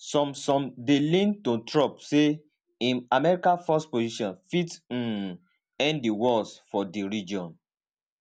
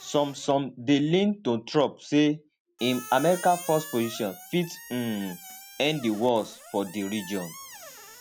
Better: first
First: none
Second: background sound (Squeak); 17 dB below the speech

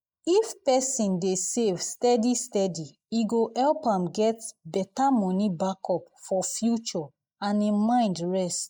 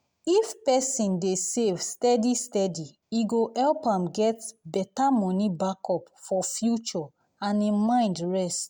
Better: second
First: noise reduction (neural mask model Resemble Enhance denoiser)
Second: none

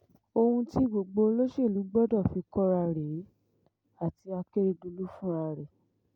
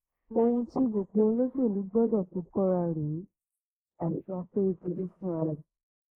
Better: first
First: none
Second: noise reduction (neural mask model Resemble Enhance denoiser)

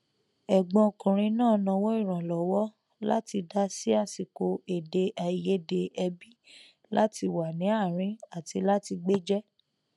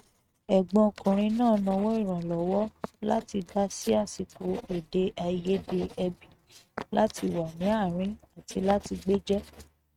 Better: first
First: none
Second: noise reduction (neural mask model RNNoise)

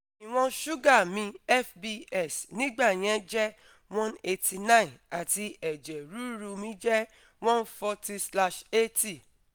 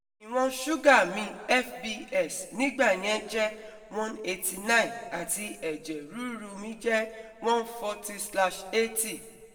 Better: first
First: none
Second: room echo; dies away in 1.1 s

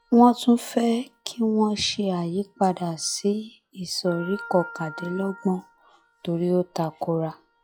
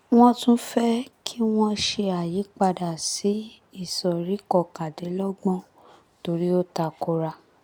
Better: second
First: noise reduction (classical method log-MMSE)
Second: none

